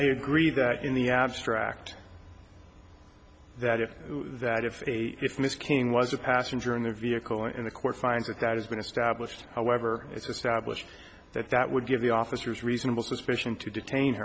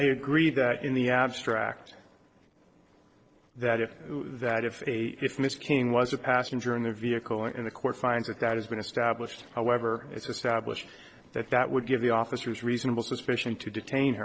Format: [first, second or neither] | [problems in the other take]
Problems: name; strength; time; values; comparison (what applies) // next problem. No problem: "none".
first | noise reduction (neural separator model SepFormer DNS4)